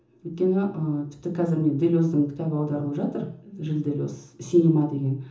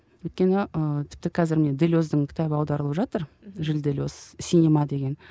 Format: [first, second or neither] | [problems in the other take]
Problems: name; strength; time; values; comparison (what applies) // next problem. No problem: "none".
second | room echo; dies away in 0.7 s